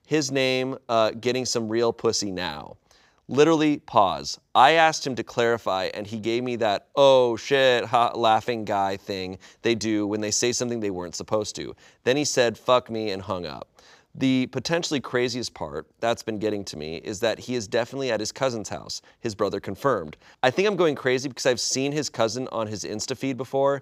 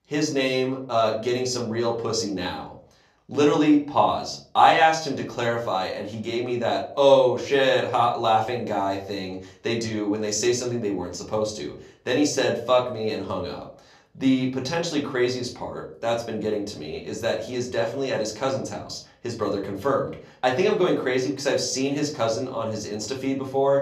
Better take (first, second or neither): first